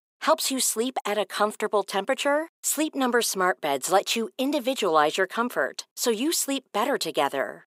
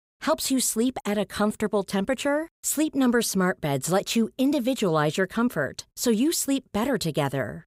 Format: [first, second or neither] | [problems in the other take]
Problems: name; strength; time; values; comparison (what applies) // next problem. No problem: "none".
second | thin; somewhat; fading below 300 Hz